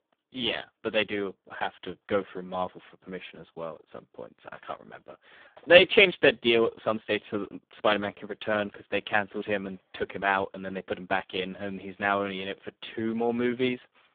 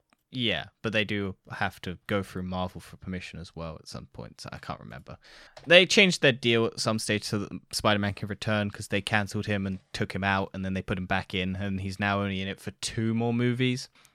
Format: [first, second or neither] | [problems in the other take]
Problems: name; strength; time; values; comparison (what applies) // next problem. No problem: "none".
second | phone-call audio; poor line; nothing above 3.5 kHz